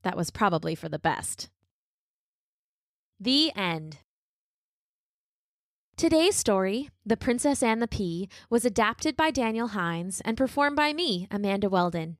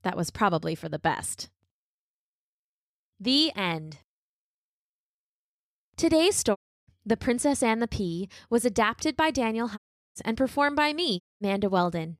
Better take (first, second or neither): first